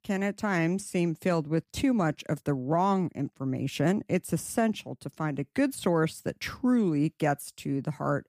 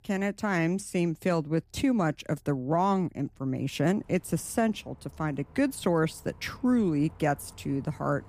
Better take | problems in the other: first | traffic noise; faint; throughout; 25 dB below the speech

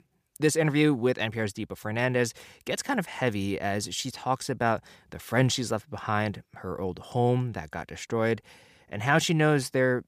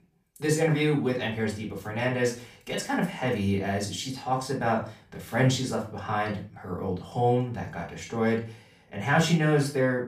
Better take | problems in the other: first | off-mic speech; far // room echo; slight; dies away in 0.3 s

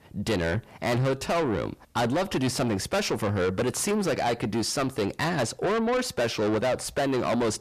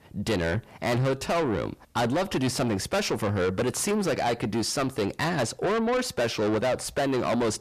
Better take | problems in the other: neither | distortion; heavy; 6 dB below the speech; the same in both

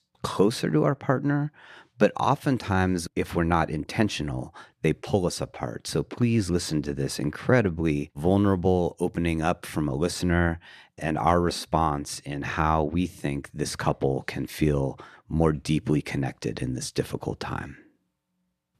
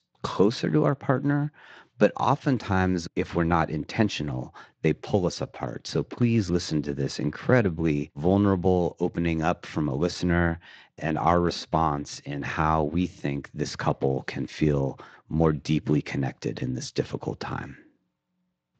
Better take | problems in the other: first | garbled, watery; slightly

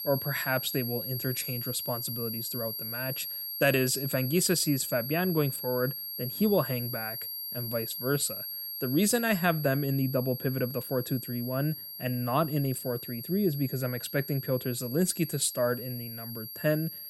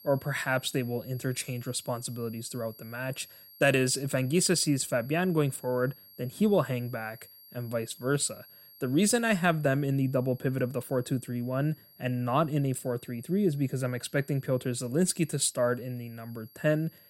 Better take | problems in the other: second | high-pitched whine; loud; throughout; 11.5 kHz, 6 dB below the speech; faint in the second

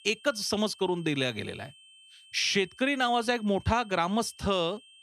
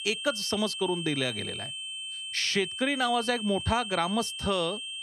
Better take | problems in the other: first | high-pitched whine; loud; throughout; 3 kHz, 6 dB below the speech; faint in the first

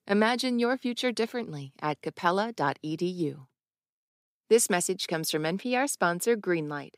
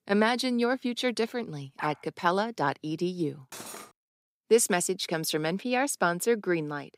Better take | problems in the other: first | dog barking; faint; at 2 s; peak 10 dB below the speech // clattering dishes; faint; at 3.5 s; peak 15 dB below the speech

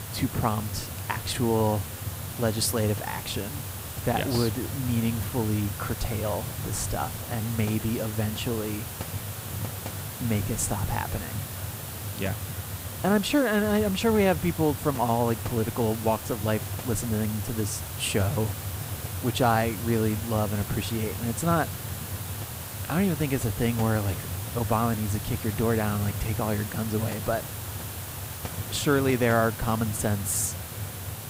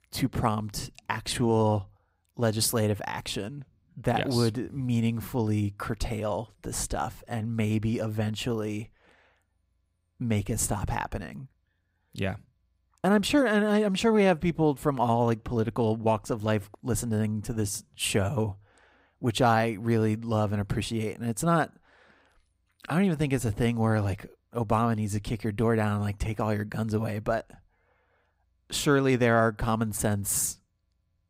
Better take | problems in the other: second | hiss; loud; throughout; 6 dB below the speech

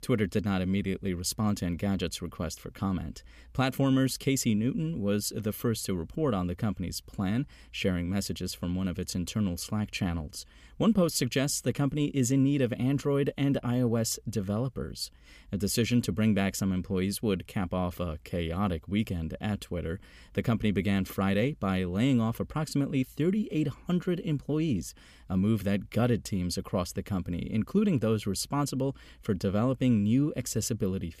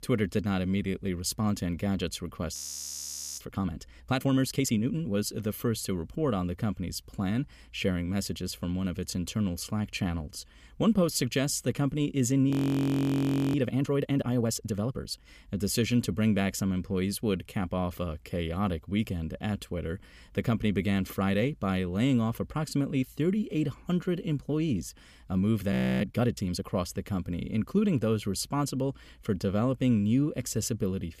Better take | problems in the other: first | audio freezing; at 2.5 s for 1 s, at 13 s for 1 s and at 26 s

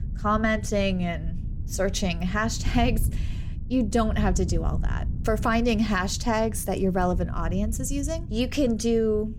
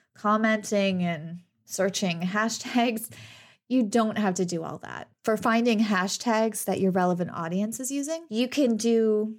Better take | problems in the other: second | wind noise on the microphone; occasional gusts; 20 dB below the speech

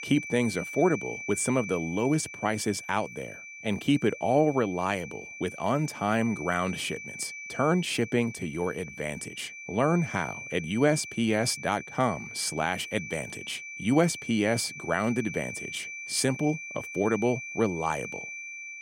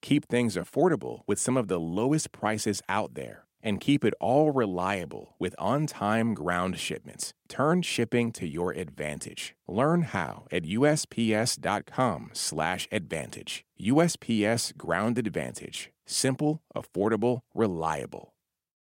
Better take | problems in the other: second | high-pitched whine; loud; throughout; 2.5 kHz, 10 dB below the speech

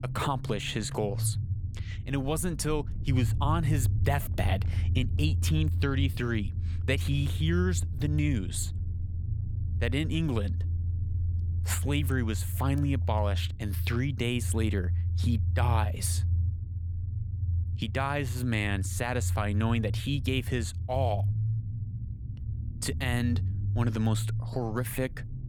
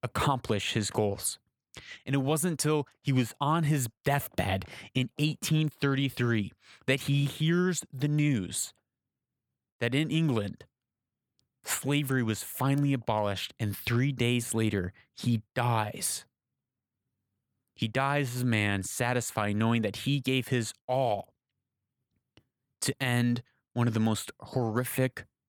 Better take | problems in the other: second | low rumble; noticeable; throughout; 15 dB below the speech

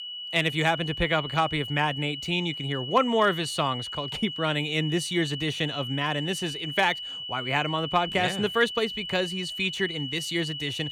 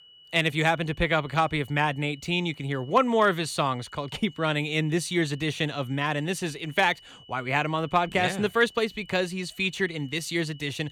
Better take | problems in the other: second | high-pitched whine; loud; throughout; 3 kHz, 6 dB below the speech; faint in the second

